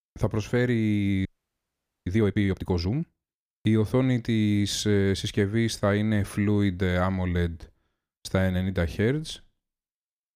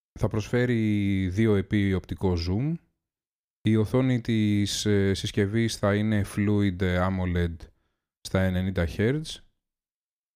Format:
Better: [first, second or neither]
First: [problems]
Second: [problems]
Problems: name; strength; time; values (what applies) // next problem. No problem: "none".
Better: second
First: audio freezing; at 1.5 s for 1 s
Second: none